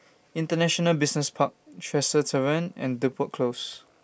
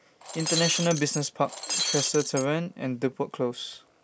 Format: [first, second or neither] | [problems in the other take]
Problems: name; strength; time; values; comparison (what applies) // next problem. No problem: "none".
first | background sound (Shatter); 3 dB below the speech